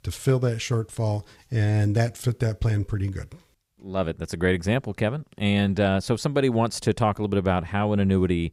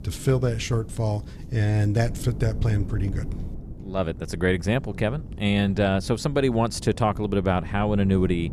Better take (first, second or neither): first